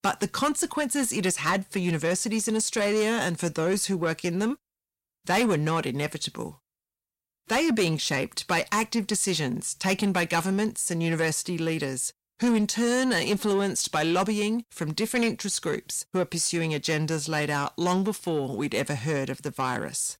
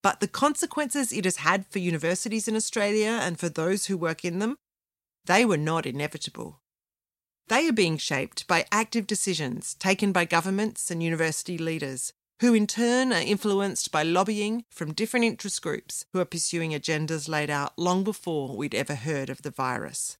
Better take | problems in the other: second | distortion; slight; 10 dB below the speech

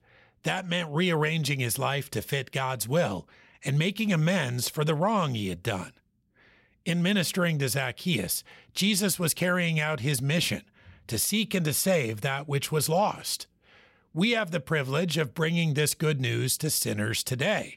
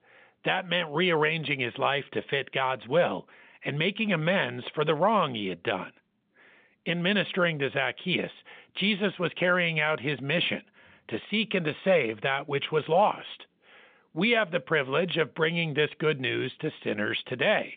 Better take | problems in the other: first | phone-call audio

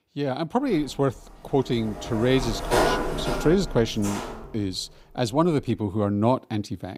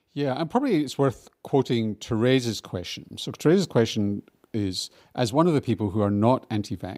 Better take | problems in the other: second | door banging; loud; from 1 to 4.5 s; peak 4 dB above the speech

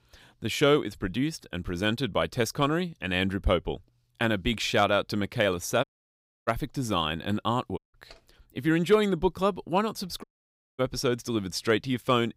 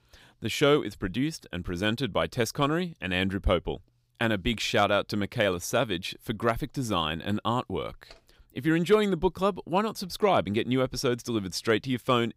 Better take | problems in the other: second | audio cutting out; at 6 s for 0.5 s, at 8 s and at 10 s for 0.5 s

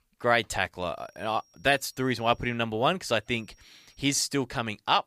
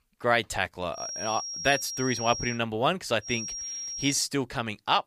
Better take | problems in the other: first | high-pitched whine; loud; from 1 to 2.5 s and at 3.5 s; 5.5 kHz, 5 dB below the speech; faint in the first

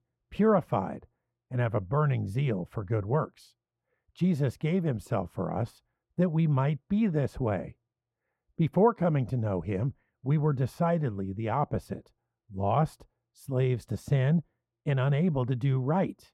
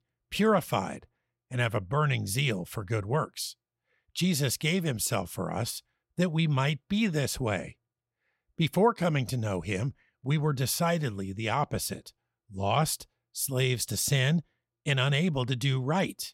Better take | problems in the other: second | muffled; very; fading above 2 kHz

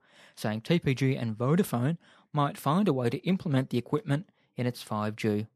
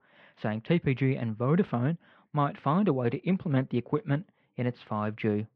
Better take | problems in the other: first | muffled; very; fading above 3 kHz

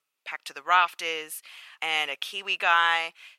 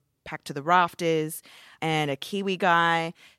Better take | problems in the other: second | thin; very; fading below 850 Hz

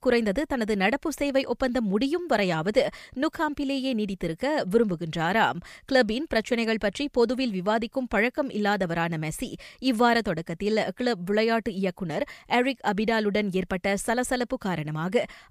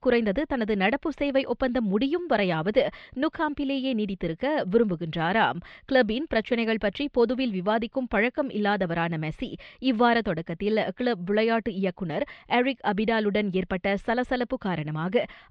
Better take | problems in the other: first | muffled; slightly; fading above 3.5 kHz

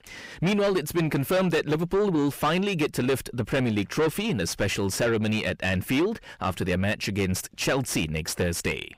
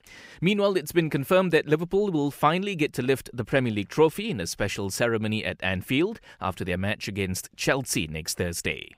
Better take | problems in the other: second | distortion; heavy; 6 dB below the speech

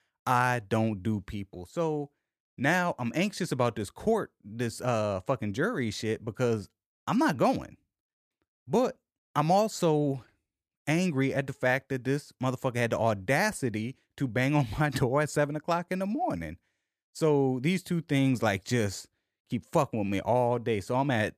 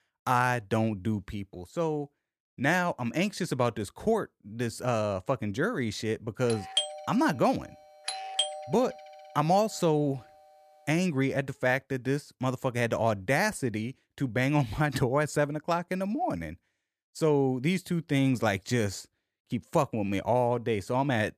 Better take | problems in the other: first | doorbell; noticeable; from 6.5 to 8.5 s; peak level with the speech

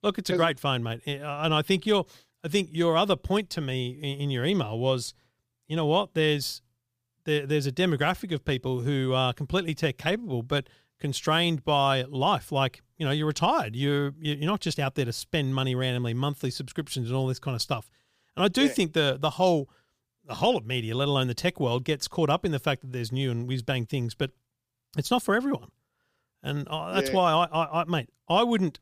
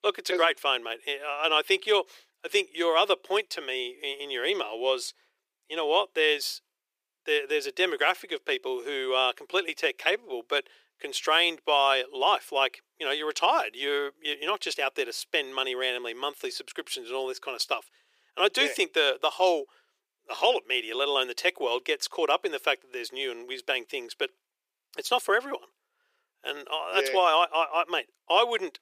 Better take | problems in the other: first | thin; very; fading below 350 Hz

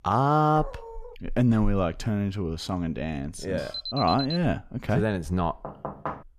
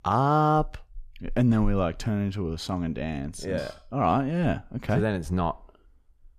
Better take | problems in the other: second | dog barking; faint; at 0.5 s; peak 15 dB below the speech // alarm; noticeable; at 3.5 s; peak 6 dB below the speech // door banging; noticeable; at 5.5 s; peak 8 dB below the speech

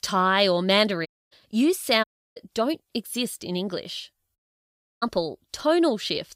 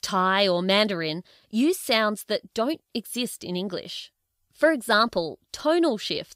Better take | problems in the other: second | audio cutting out; at 1 s, at 2 s and at 4.5 s for 0.5 s

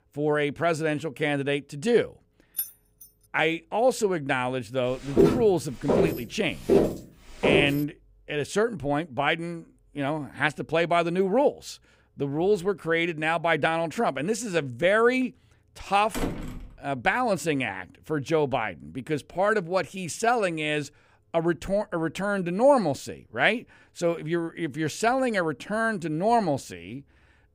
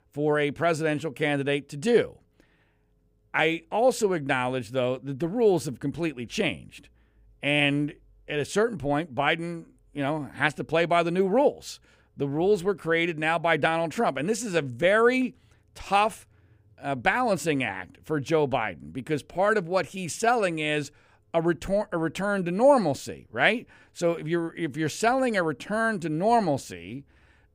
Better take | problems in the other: second | jangling keys; noticeable; at 2.5 s; peak 6 dB below the speech // footsteps; loud; from 5 to 7.5 s; peak 4 dB above the speech // door banging; noticeable; at 16 s; peak 6 dB below the speech

